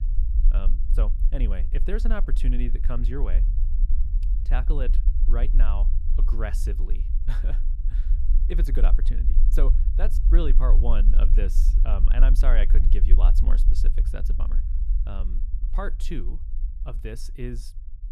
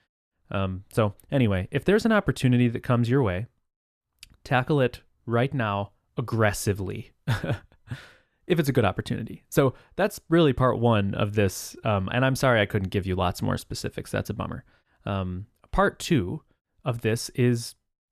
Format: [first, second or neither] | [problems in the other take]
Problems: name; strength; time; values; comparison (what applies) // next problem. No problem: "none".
second | low rumble; noticeable; throughout; 10 dB below the speech